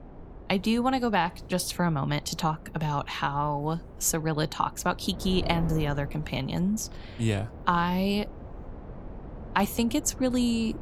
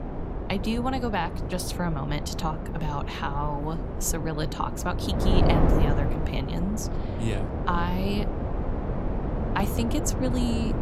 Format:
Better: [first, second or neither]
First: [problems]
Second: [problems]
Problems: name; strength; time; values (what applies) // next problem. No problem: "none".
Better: first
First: wind noise on the microphone; occasional gusts; 20 dB below the speech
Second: wind noise on the microphone; heavy; 3 dB below the speech